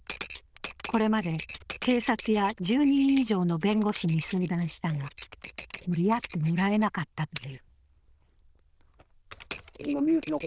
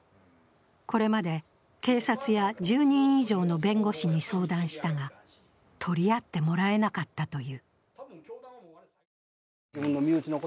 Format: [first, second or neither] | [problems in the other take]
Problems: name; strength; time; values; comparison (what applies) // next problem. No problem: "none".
second | noise reduction (neural diffusion model UNIVERSE++)